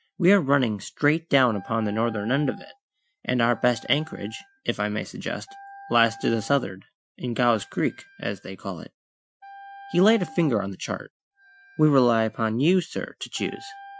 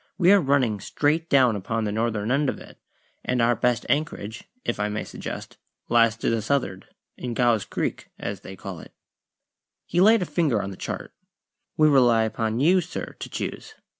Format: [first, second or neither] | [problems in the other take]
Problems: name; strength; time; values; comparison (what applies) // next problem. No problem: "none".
second | noise reduction (classical method Wiener filter)